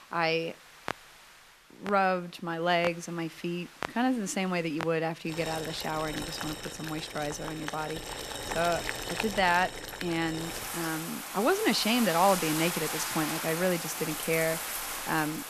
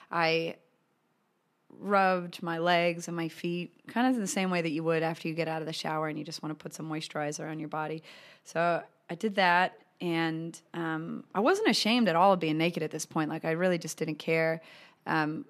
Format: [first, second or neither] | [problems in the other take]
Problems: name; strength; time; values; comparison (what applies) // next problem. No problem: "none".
second | household noises; loud; throughout; 5 dB below the speech